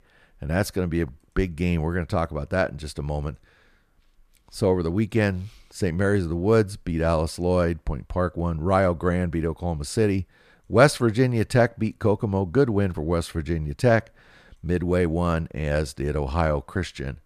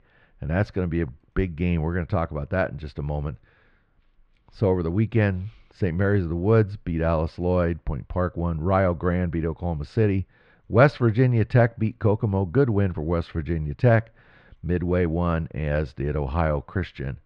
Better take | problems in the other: first | muffled; slightly; fading above 3 kHz

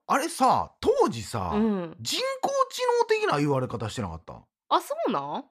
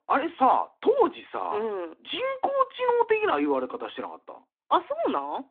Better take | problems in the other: first | phone-call audio; nothing above 3.5 kHz

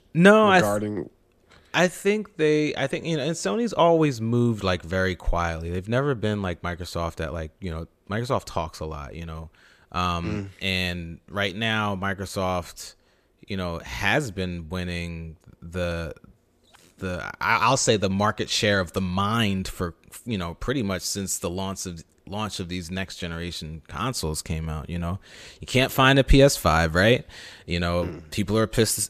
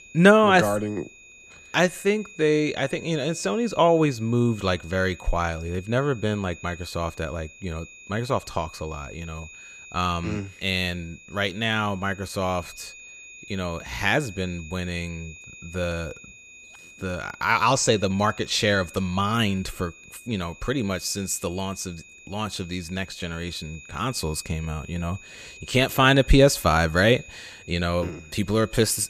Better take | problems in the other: first | high-pitched whine; noticeable; throughout; 2.5 kHz, 20 dB below the speech

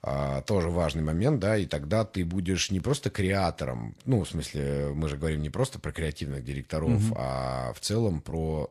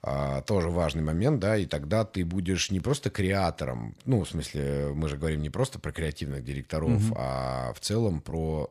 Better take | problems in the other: second | garbled, watery; slightly

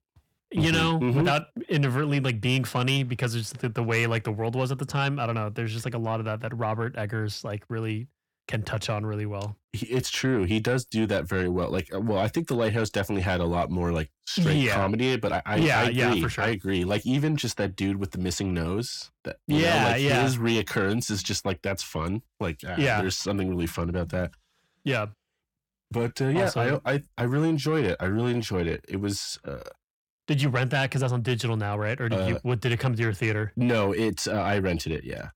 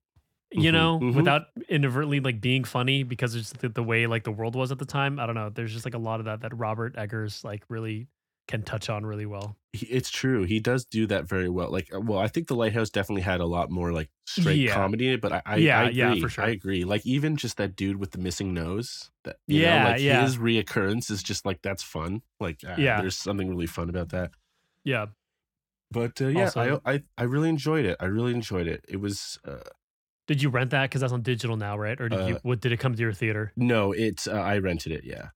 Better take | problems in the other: second | distortion; slight; 10 dB below the speech

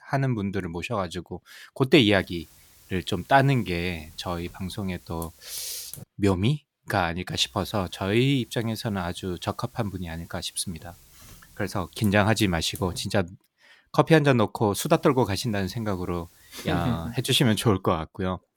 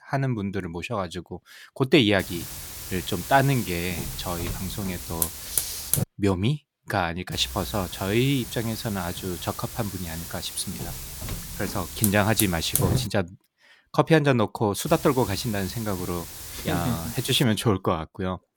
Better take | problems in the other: first | hiss; loud; from 2 to 6 s, from 7.5 to 13 s and from 15 to 17 s; 6 dB below the speech; faint in the first

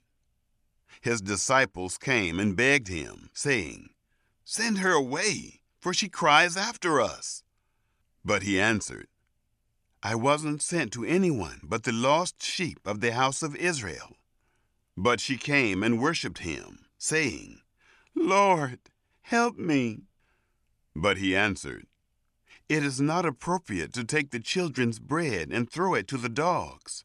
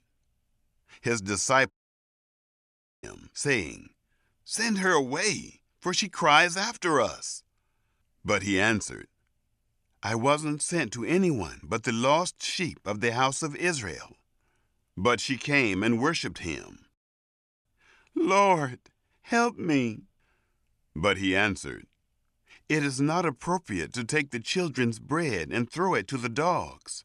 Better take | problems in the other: first | audio cutting out; at 1.5 s for 1.5 s and at 17 s for 0.5 s

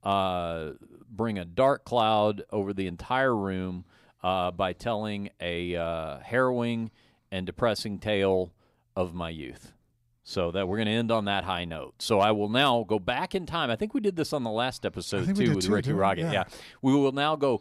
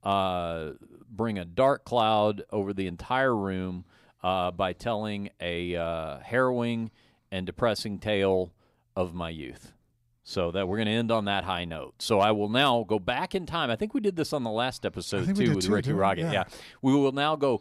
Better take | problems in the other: neither | none

